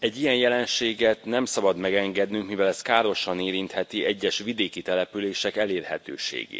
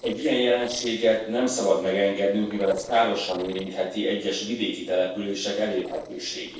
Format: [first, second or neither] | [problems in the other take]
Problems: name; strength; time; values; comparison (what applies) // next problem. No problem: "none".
first | noise reduction (neural separator model SepFormer DNS4)